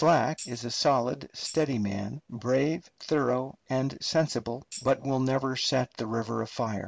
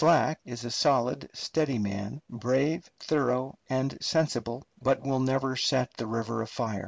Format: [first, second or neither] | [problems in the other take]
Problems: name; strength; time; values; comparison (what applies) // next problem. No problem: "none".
second | background sound (Tambourine); 17 dB below the speech